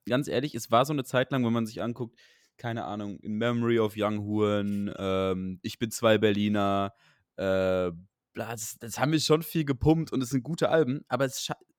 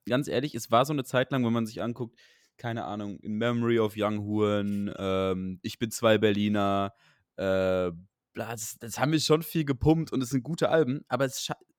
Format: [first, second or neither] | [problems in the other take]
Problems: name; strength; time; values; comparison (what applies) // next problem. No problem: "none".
neither | none